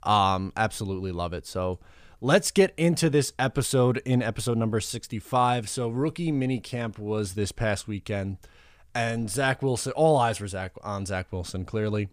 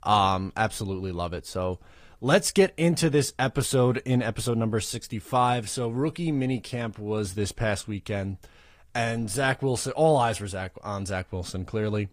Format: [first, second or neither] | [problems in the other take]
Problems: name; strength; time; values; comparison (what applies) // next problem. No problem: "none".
first | garbled, watery; slightly; nothing above 14.5 kHz